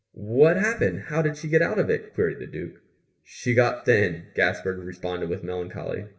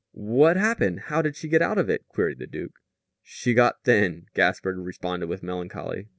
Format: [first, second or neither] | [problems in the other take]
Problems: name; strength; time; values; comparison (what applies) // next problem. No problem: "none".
second | room echo; dies away in 0.6 s